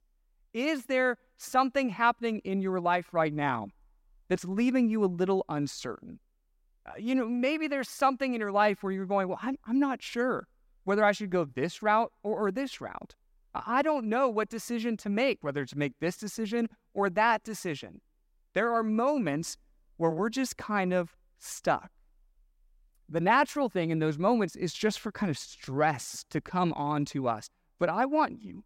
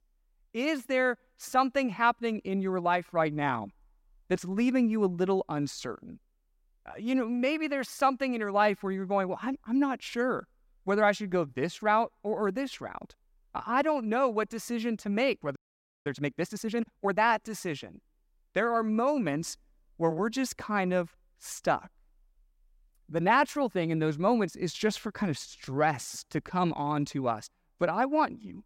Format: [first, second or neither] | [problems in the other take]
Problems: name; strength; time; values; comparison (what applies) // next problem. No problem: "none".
first | audio freezing; at 16 s